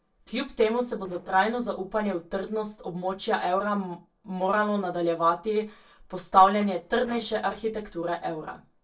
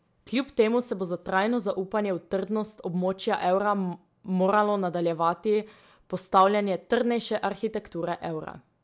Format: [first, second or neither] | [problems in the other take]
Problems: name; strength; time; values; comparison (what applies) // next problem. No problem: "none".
second | noise reduction (neural separator model SepFormer DNS4)